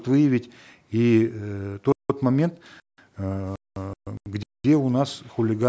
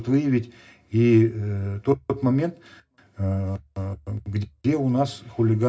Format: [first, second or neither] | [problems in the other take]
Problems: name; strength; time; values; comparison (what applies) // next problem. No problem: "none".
first | room echo; dies away in 0.4 s